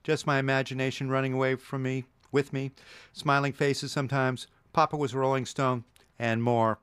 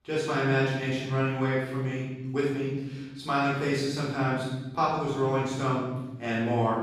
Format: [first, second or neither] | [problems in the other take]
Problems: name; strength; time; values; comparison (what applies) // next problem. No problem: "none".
first | room echo; strong; dies away in 1.2 s // off-mic speech; far